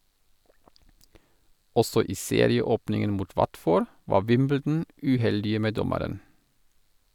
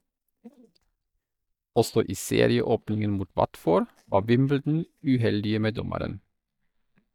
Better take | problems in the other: first | noise reduction (neural mask model DeepFilterNet 3)

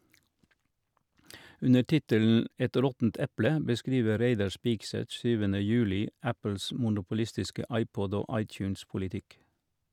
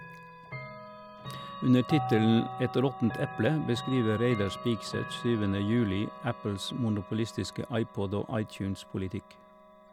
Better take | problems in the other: first | background sound (Chime / Clock); 11 dB below the speech

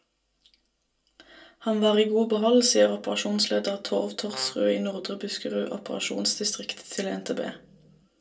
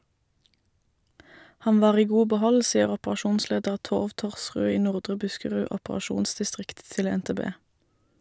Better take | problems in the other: second | background sound (Brass instrument); 16 dB below the speech // room echo; dies away in 0.2 s

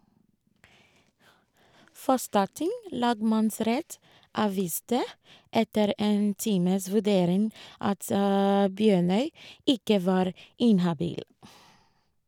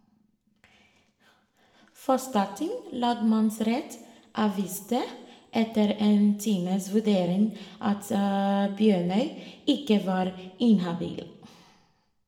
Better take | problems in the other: first | room echo; dies away in 0.8 s

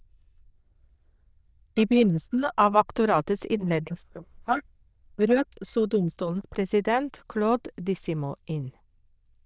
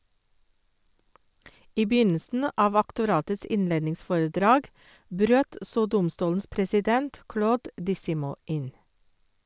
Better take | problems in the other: second | noise reduction (neural diffusion model UNIVERSE++)

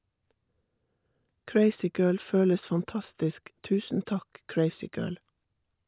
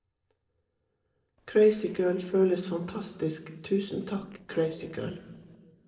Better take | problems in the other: first | noise reduction (neural separator model SepFormer DNS4)

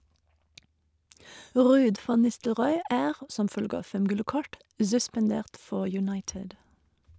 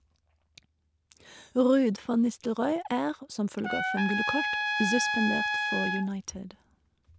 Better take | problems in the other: first | background sound (Trumpet); as loud as the speech

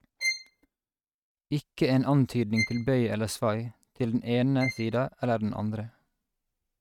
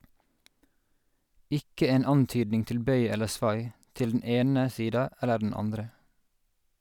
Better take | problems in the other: second | noise reduction (neural mask model RNNoise)

